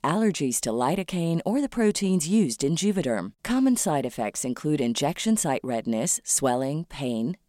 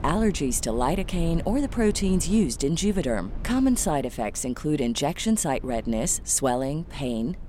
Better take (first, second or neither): first